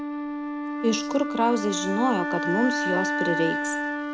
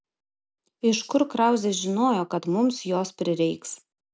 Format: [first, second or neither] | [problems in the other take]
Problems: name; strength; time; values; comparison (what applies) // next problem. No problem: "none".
second | background sound (Wind instrument, woodwind instrument); 1 dB below the speech